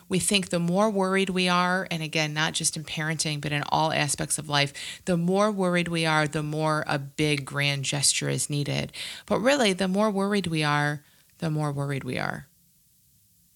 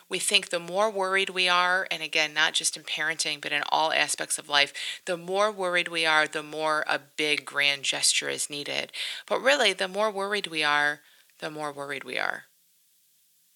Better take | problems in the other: first | thin; very; fading below 500 Hz

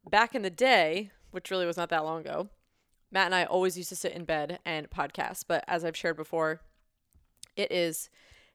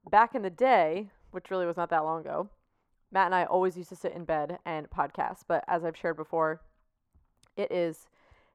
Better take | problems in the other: first | muffled; very; fading above 2.5 kHz

